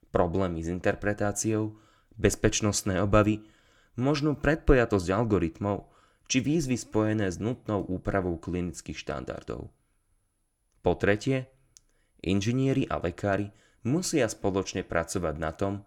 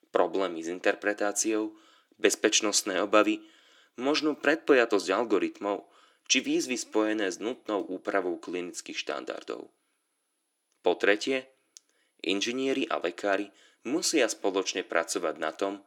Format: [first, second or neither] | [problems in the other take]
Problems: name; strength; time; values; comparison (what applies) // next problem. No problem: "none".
first | thin; somewhat; fading below 300 Hz